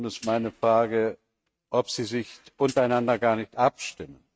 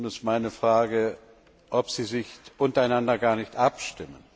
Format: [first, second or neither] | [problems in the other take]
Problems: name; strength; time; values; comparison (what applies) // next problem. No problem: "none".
second | noise reduction (neural mask model RNNoise)